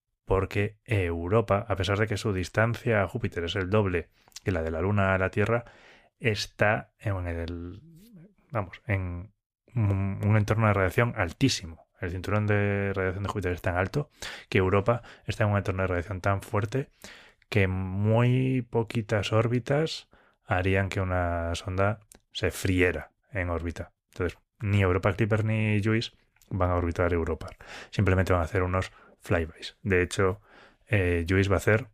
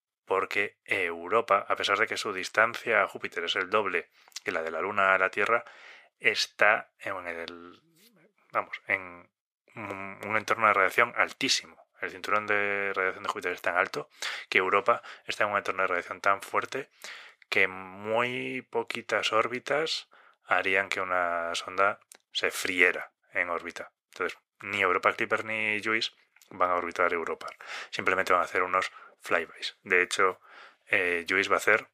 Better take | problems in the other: first | thin; very; fading below 450 Hz

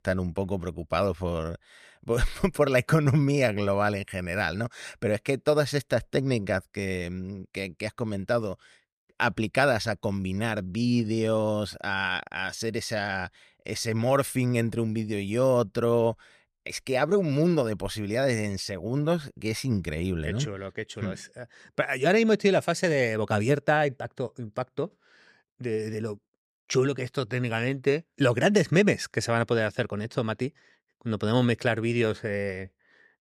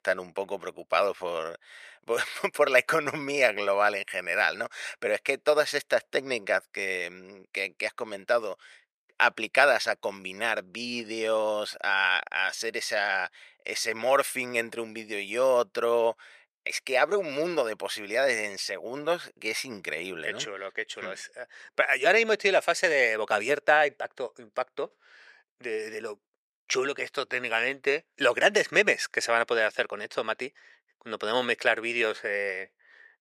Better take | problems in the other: first | thin; very; fading below 600 Hz

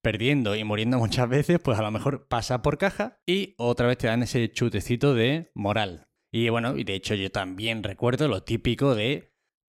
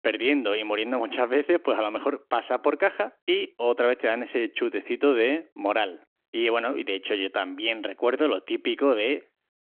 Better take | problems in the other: first | phone-call audio; nothing above 3.5 kHz

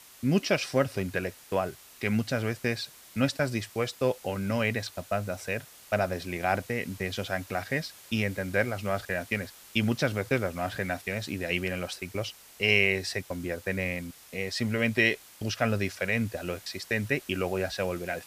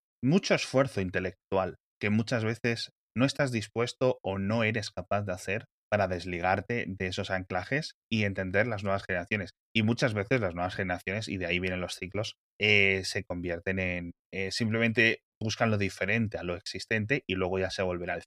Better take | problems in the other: second | hiss; noticeable; throughout; 20 dB below the speech

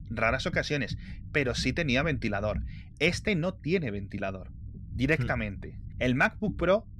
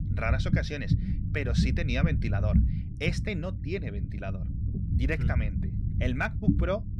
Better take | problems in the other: first | low rumble; loud; throughout; 7 dB below the speech; faint in the first

